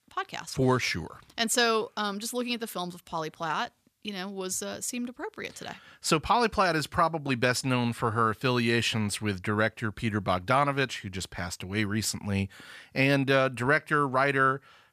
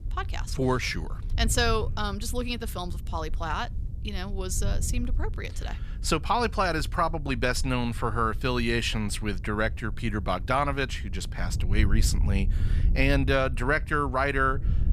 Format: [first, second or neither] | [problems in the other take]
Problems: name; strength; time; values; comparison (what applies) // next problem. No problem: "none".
first | wind noise on the microphone; occasional gusts; 20 dB below the speech